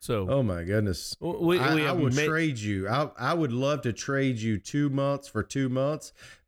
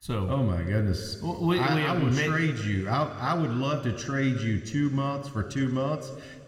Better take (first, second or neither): first